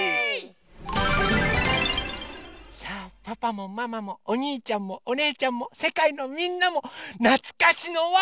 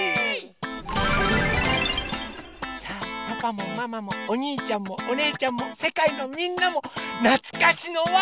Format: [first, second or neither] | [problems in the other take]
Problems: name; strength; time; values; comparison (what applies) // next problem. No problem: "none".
first | background sound (Guitar); 9 dB below the speech